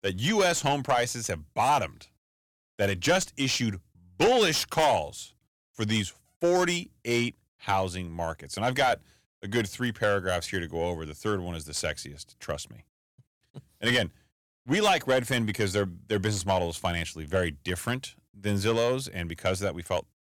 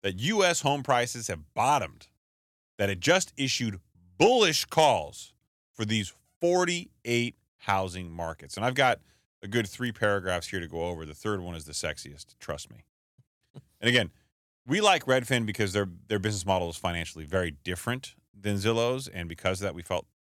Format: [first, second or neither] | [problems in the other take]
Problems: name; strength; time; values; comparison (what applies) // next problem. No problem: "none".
second | distortion; slight; 10 dB below the speech